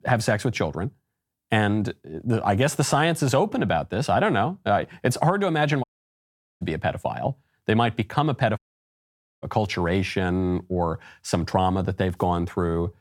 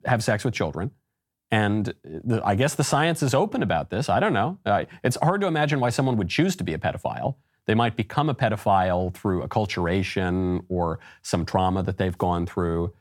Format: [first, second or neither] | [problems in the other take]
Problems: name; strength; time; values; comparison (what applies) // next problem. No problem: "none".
second | audio cutting out; at 6 s for 1 s and at 8.5 s for 1 s